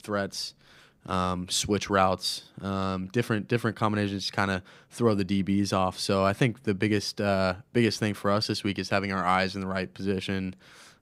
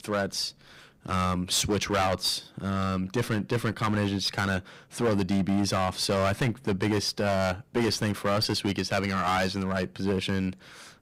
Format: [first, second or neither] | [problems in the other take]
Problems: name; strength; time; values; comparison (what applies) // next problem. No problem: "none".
first | distortion; heavy; 10% of the sound clipped